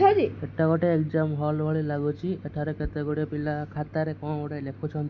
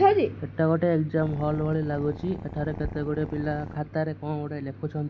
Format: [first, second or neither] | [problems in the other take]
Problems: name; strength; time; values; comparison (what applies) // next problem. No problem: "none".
first | background sound (Purr); 13 dB below the speech